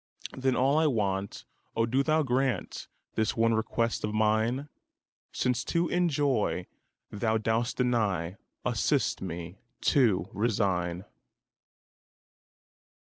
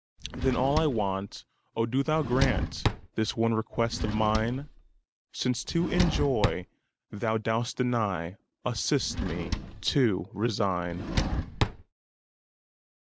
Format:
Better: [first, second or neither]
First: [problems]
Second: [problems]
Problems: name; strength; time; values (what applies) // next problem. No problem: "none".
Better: first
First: none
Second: background sound (Drawer open or close); 3 dB below the speech